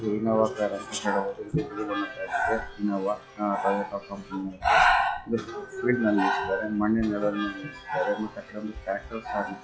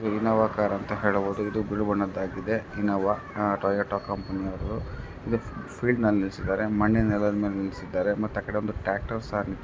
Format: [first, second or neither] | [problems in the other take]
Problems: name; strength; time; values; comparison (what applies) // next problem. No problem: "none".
second | noise reduction (classical method log-MMSE)